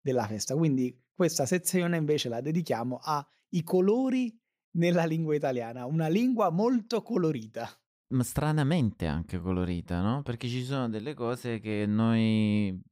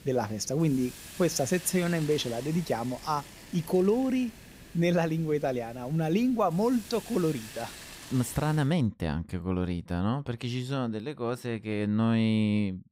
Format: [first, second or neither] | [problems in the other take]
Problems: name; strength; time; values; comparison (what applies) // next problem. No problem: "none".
first | hiss; noticeable; until 8.5 s; 15 dB below the speech